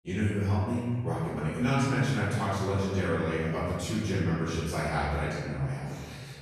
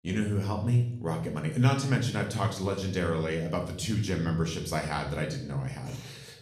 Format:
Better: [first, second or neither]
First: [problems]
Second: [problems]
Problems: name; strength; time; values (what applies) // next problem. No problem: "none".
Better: second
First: room echo; strong; dies away in 1.6 s // off-mic speech; far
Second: room echo; slight; dies away in 0.6 s // off-mic speech; somewhat distant